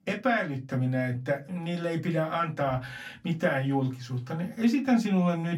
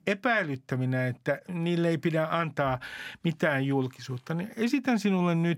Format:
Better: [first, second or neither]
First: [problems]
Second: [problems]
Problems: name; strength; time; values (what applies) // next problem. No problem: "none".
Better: second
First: off-mic speech; far // room echo; very slight; dies away in 0.2 s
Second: none